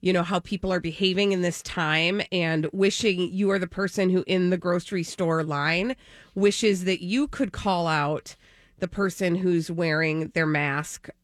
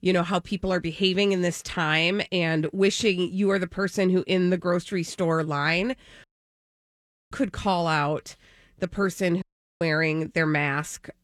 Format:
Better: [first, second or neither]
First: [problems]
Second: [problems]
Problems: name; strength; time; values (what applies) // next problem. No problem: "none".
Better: first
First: none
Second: audio cutting out; at 6 s for 1 s and at 9.5 s